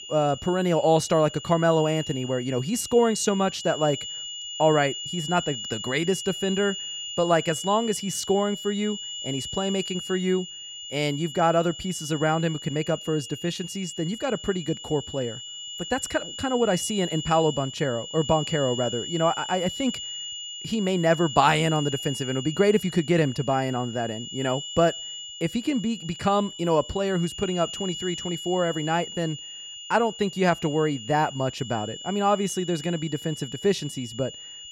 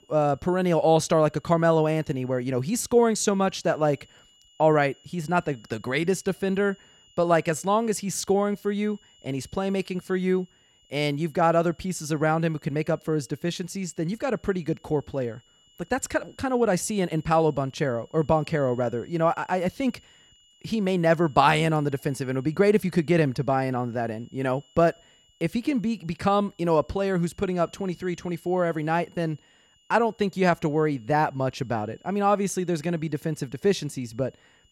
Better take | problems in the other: second | high-pitched whine; loud; throughout; 3 kHz, 9 dB below the speech; faint in the second

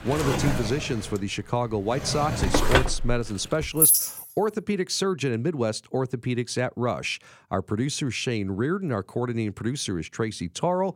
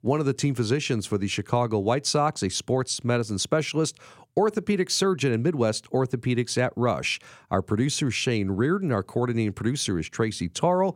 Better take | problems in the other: second | household noises; very loud; until 4 s; 5 dB above the speech

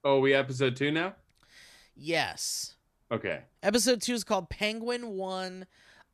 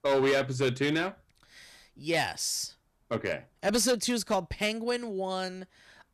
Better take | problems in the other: first | distortion; slight; 4% of the sound clipped

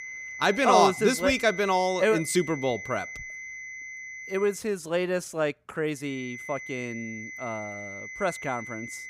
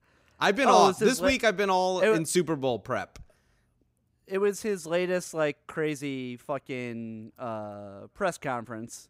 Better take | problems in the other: second | high-pitched whine; noticeable; until 4.5 s and from 6 s on; 2 kHz, 10 dB below the speech

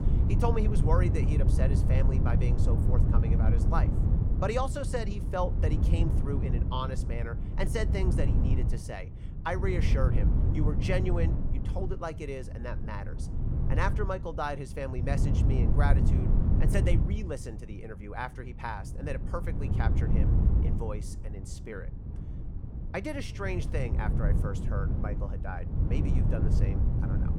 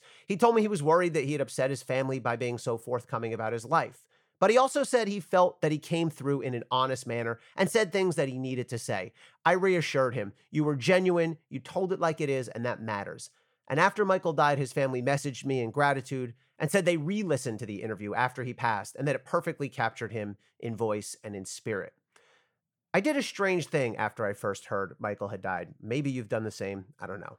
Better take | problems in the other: second | wind noise on the microphone; heavy; 5 dB below the speech

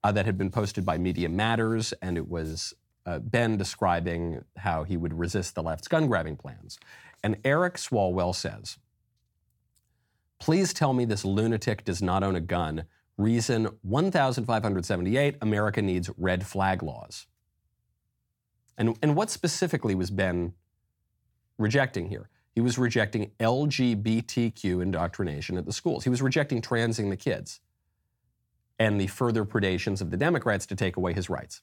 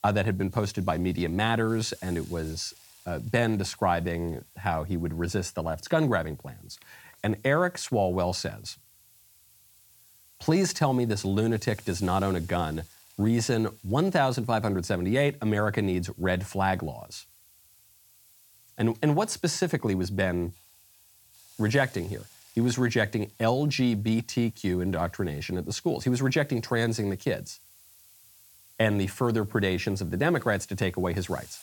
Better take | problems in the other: first | hiss; faint; throughout; 25 dB below the speech

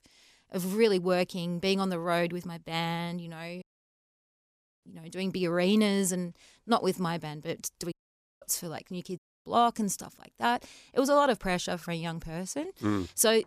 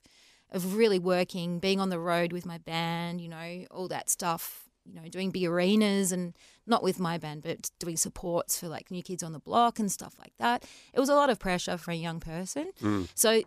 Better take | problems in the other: second | audio cutting out; at 3.5 s for 1 s, at 8 s for 0.5 s and at 9 s

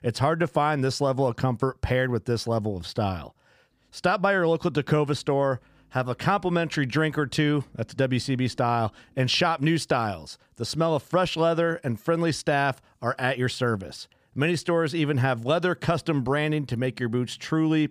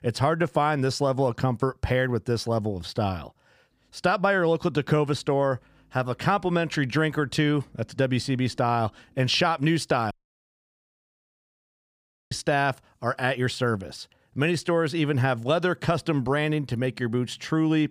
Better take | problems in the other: first | audio cutting out; at 10 s for 2 s

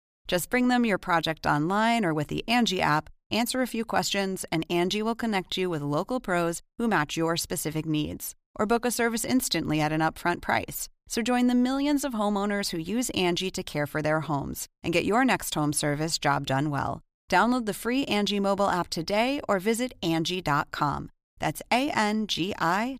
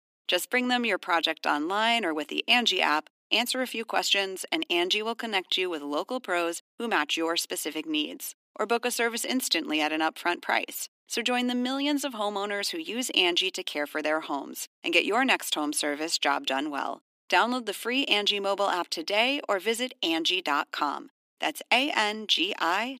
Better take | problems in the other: first | thin; very slightly; fading below 250 Hz

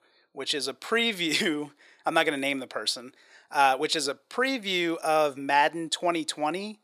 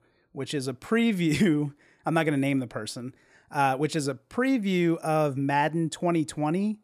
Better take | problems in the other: second | thin; somewhat; fading below 500 Hz

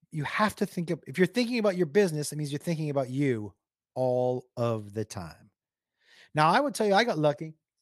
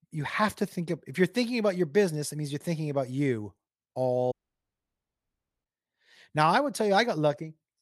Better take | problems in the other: first | audio cutting out; at 4.5 s for 1.5 s

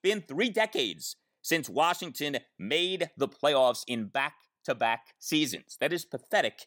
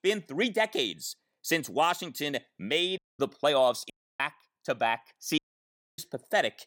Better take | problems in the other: first | audio cutting out; at 3 s, at 4 s and at 5.5 s for 0.5 s

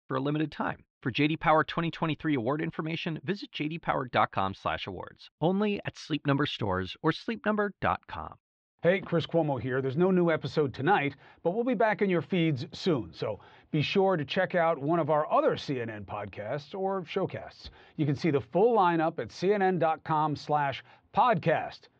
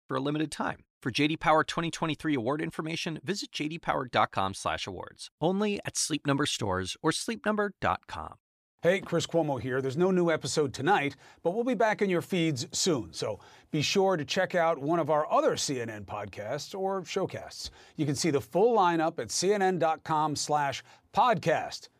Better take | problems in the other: second | muffled; slightly; fading above 3.5 kHz

